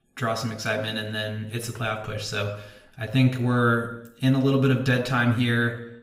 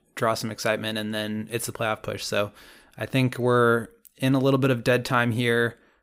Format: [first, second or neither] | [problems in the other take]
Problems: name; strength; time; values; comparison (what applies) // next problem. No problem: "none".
second | room echo; slight; dies away in 0.7 s // off-mic speech; somewhat distant